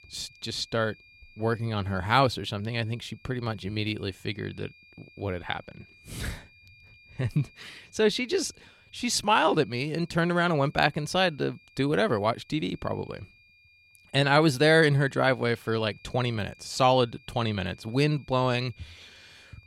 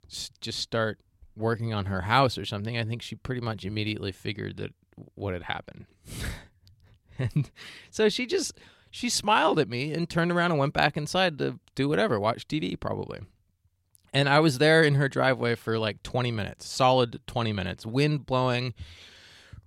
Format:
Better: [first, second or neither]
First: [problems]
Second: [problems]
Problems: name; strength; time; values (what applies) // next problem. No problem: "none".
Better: second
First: high-pitched whine; faint; throughout; 2.5 kHz, 30 dB below the speech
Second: none